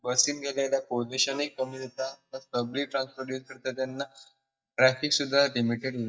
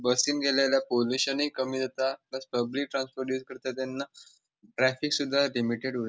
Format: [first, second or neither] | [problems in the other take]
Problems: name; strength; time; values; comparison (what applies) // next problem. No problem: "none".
second | noise reduction (neural mask model DeepFilterNet 3)